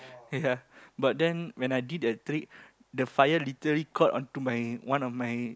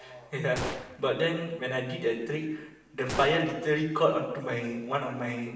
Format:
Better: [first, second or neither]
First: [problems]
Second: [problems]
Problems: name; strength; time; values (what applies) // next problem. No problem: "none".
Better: first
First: none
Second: background sound (Gunshot, gunfire); 13 dB below the speech // room echo; dies away in 1 s